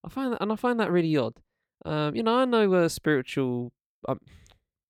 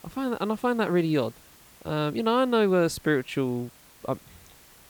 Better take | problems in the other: first | hiss; faint; throughout; 25 dB below the speech

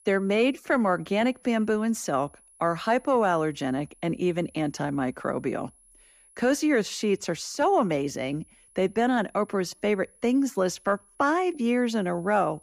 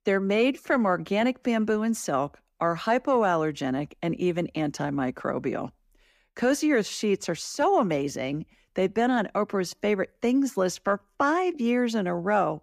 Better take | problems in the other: second | high-pitched whine; faint; throughout; 10.5 kHz, 30 dB below the speech

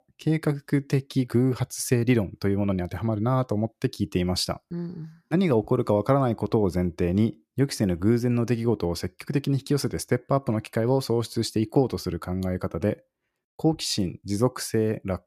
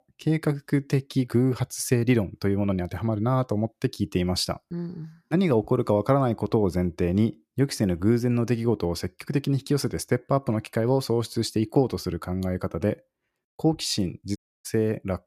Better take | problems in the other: first | audio cutting out; at 14 s

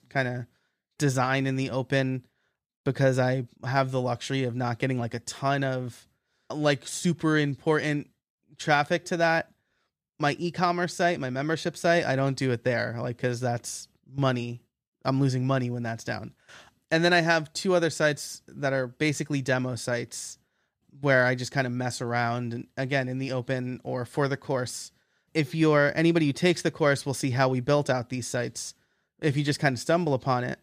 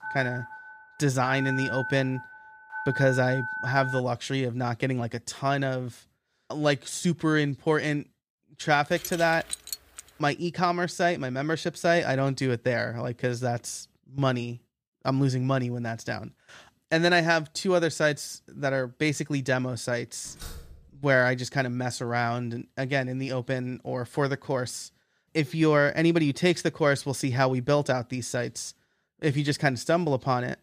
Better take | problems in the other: first | phone ringing; noticeable; until 4 s; peak 4 dB below the speech // jangling keys; noticeable; from 9 to 10 s; peak 7 dB below the speech // door banging; faint; at 20 s; peak 15 dB below the speech

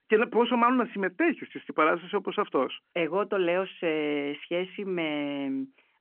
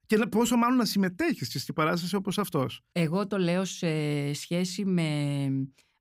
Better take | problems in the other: second | phone-call audio; nothing above 3 kHz

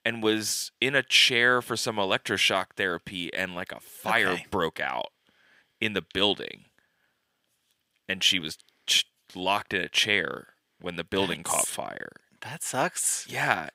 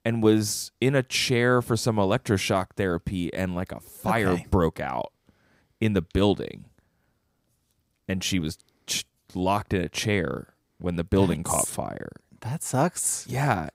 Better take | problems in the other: second | thin; somewhat; fading below 550 Hz

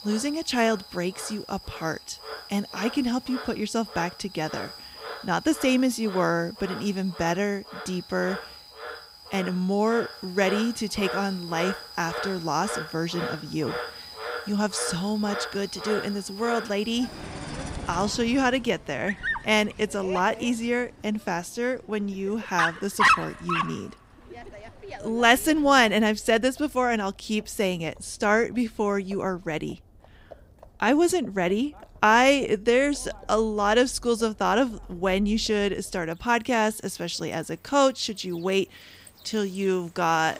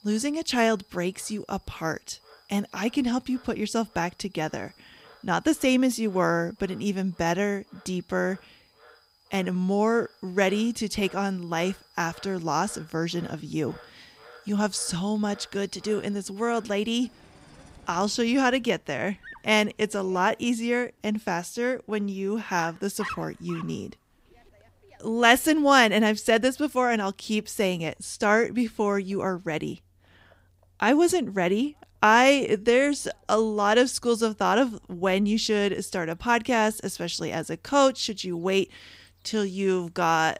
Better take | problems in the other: second | animal sounds; loud; throughout; 8 dB below the speech; faint in the second

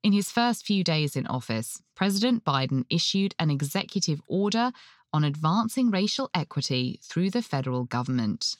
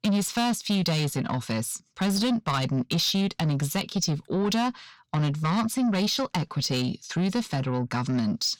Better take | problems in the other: first | distortion; slight; 10 dB below the speech

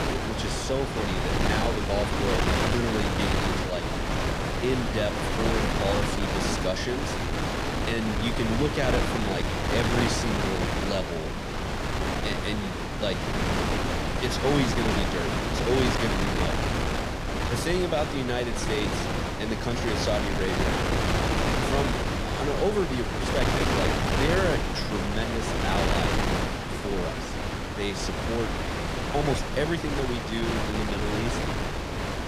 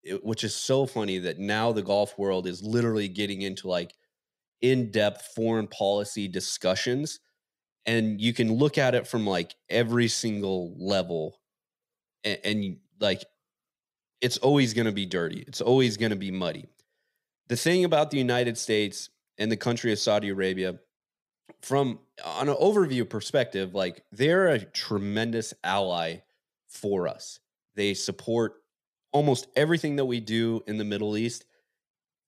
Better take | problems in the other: second | wind noise on the microphone; heavy; 3 dB above the speech

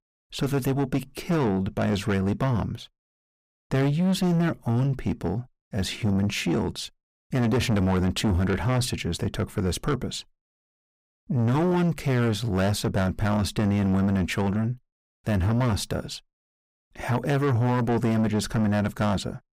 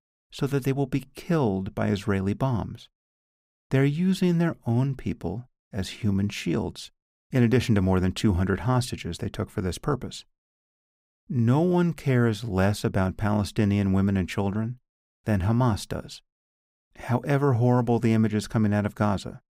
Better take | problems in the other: second | distortion; heavy; 7 dB below the speech

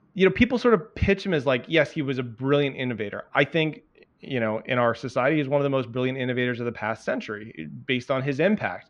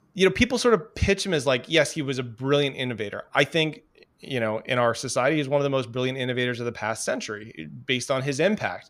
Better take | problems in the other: second | muffled; slightly; fading above 2.5 kHz

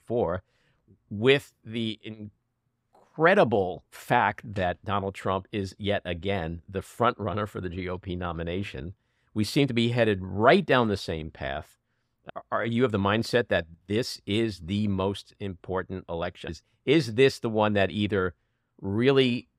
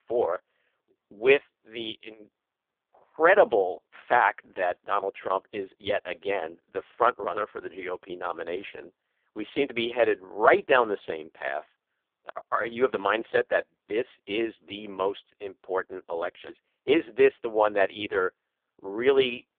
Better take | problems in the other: first | phone-call audio; poor line; nothing above 3.5 kHz

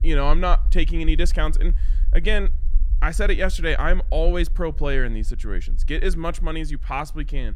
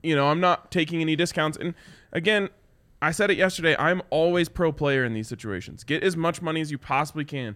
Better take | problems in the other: second | low rumble; faint; throughout; 25 dB below the speech

